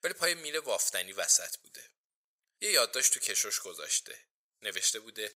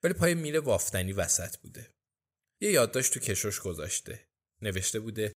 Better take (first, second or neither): second